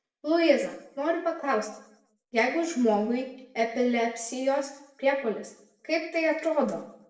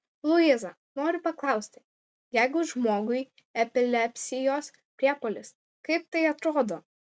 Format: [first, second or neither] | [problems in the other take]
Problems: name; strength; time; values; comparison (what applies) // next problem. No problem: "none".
second | room echo; dies away in 0.7 s